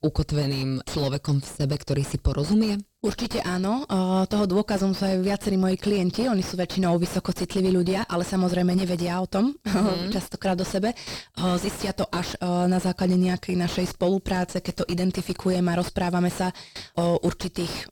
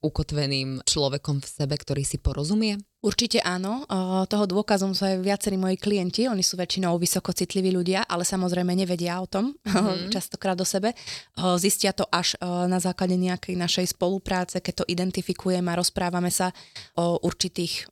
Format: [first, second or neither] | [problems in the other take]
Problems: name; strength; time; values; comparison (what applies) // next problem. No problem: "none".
second | distortion; heavy; 6 dB below the speech